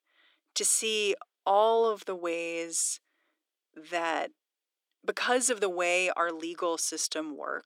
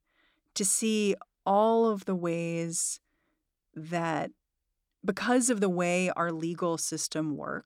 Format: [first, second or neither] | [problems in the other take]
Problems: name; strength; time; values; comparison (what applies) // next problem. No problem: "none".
second | thin; very; fading below 350 Hz